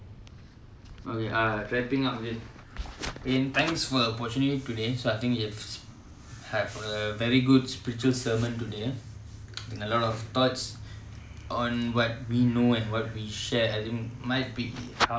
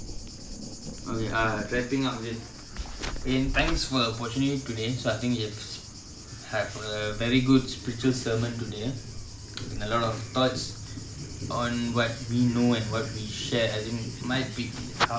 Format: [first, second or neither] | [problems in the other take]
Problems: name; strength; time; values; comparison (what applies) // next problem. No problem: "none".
first | background sound (Thunder + Gull, seagull); 9 dB below the speech